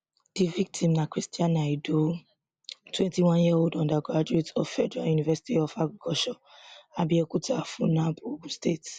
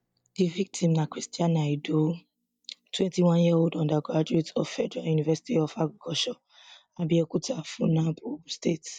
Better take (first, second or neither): first